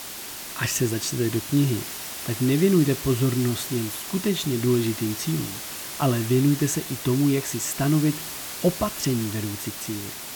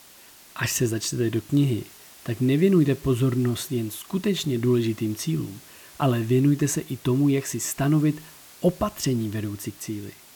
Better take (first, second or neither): second